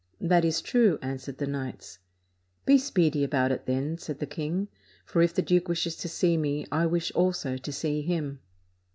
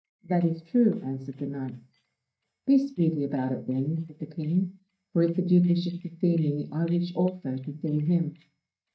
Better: first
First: none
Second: noise reduction (neural mask model DeepFilterNet 3)

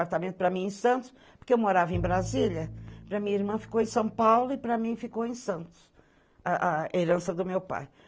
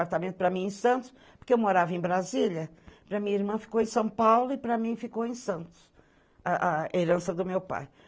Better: second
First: background sound (Bowed string instrument); 12 dB below the speech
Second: none

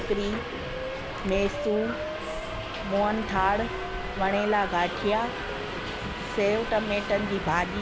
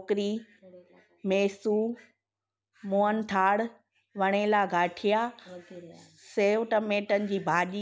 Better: second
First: background sound (Subway, metro, underground); 4 dB below the speech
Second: none

